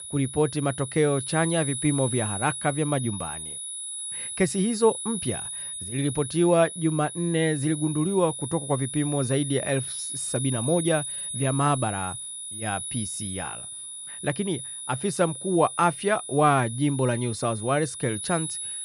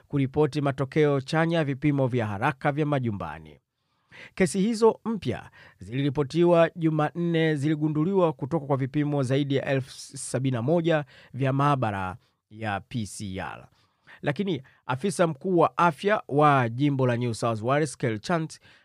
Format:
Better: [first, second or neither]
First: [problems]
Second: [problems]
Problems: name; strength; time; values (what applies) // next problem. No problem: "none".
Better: second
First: high-pitched whine; loud; throughout; 10 kHz, 6 dB below the speech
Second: none